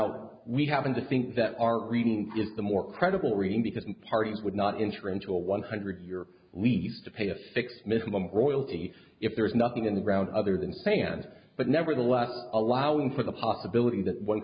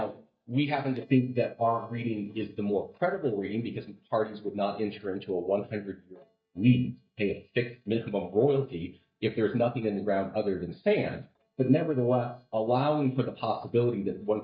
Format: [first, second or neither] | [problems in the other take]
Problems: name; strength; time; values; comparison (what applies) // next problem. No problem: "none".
first | noise reduction (neural mask model DeepFilterNet 3)